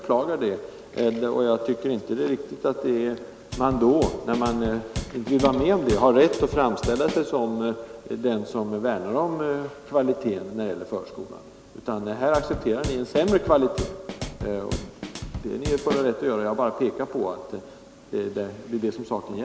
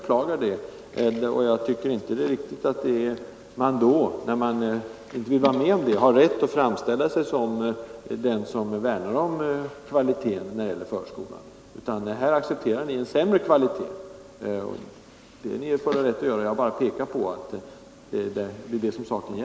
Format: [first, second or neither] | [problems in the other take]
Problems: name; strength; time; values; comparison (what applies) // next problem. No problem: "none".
second | background sound (Drum kit); 9 dB below the speech